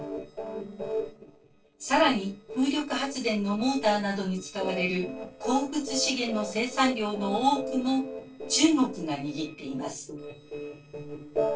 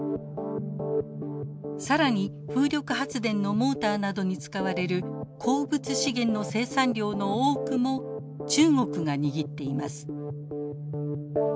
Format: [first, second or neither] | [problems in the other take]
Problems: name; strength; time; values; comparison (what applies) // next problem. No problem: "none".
second | noise reduction (neural separator model SepFormer DNS4)